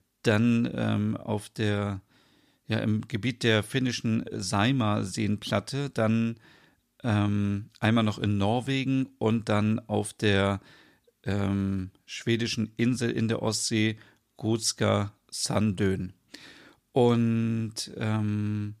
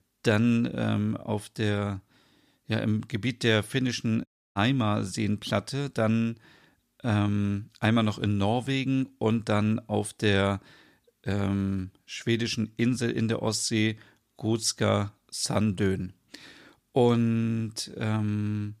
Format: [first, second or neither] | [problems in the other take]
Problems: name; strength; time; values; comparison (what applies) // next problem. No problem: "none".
first | audio cutting out; at 4.5 s